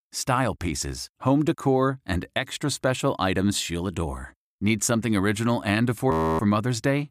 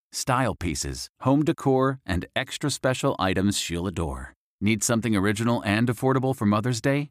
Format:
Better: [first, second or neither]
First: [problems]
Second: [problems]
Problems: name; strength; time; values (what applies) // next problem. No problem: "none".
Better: second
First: audio freezing; at 6 s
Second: none